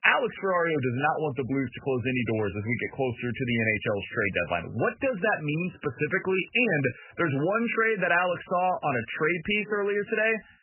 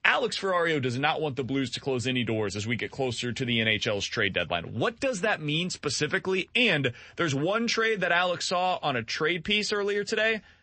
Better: second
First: garbled, watery; badly; nothing above 3 kHz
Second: garbled, watery; slightly; nothing above 8 kHz

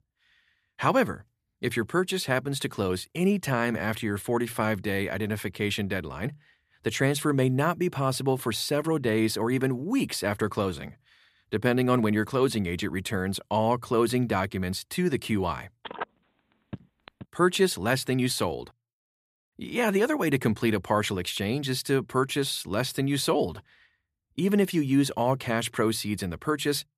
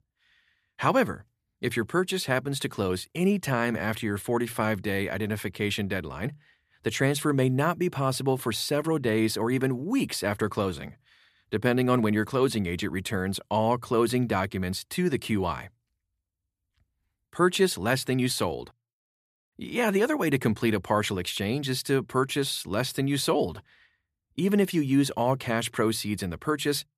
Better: second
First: phone ringing; faint; from 16 to 17 s; peak 10 dB below the speech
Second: none

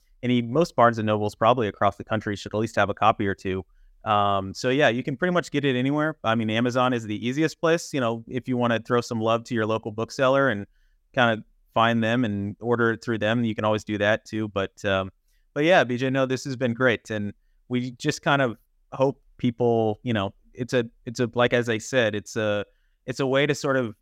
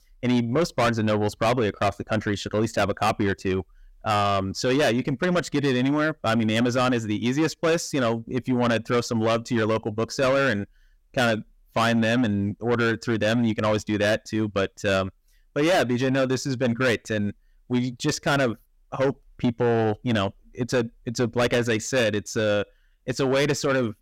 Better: first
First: none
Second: distortion; heavy; 7 dB below the speech

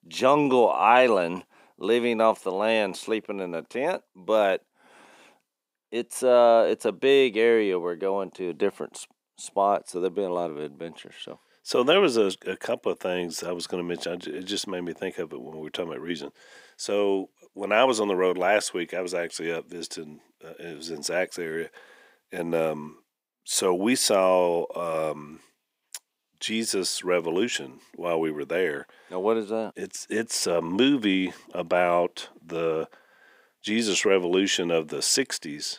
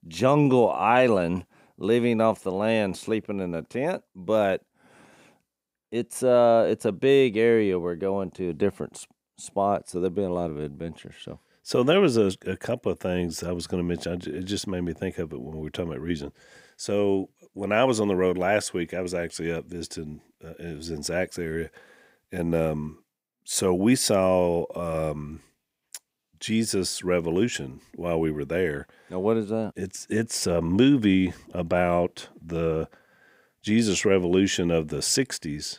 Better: second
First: thin; very slightly; fading below 300 Hz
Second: none

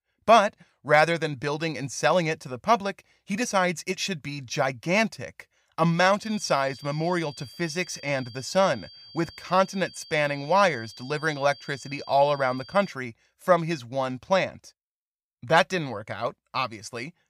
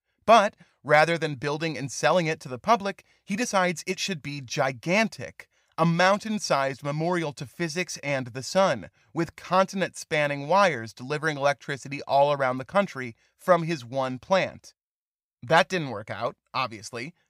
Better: second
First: high-pitched whine; noticeable; from 6 to 13 s; 4.5 kHz, 20 dB below the speech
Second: none

